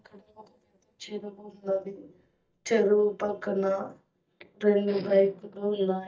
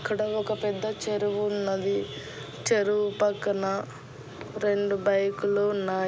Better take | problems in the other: second | noise reduction (neural mask model DeepFilterNet 3)

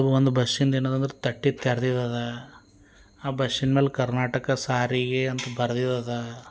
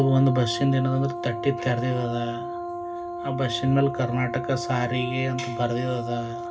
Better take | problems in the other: first | background sound (Brass instrument); 7 dB below the speech // room echo; dies away in 0.4 s

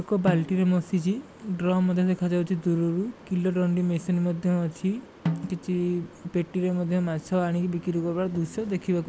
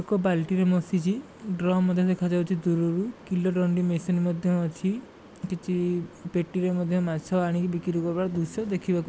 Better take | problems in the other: second | background sound (Snare drum); 9 dB below the speech

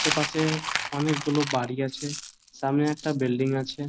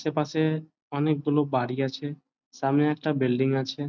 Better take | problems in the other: second | background sound (Coin (dropping)); 7 dB below the speech

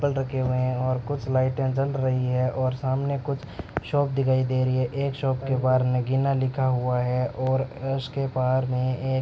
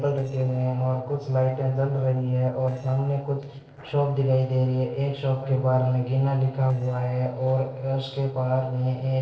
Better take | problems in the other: first | noise reduction (neural separator model SepFormer DNS4)

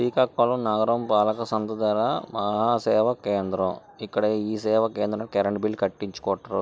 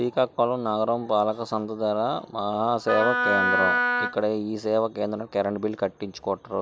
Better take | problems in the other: first | background sound (Wind instrument, woodwind instrument); 1 dB above the speech

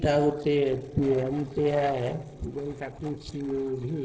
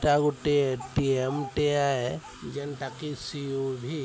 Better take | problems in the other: second | noise reduction (neural separator model SepFormer DNS4)

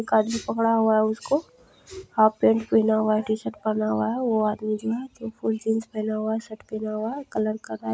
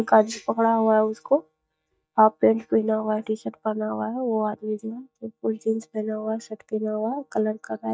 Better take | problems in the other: first | noise reduction (neural mask model DeepFilterNet 3)

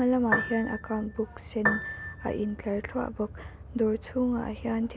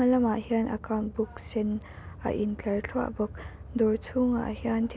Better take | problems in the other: second | background sound (Piano); 3 dB below the speech

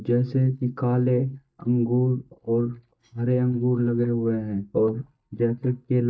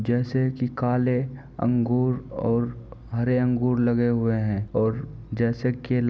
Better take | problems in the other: second | noise reduction (neural mask model DeepFilterNet 3)

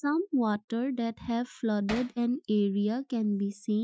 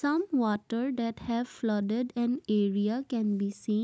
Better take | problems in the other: second | noise reduction (classical method Wiener filter)

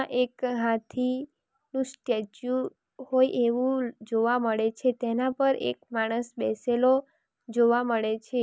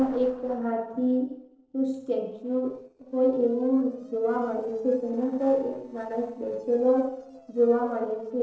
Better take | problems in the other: first | noise reduction (neural separator model SepFormer DNS4)

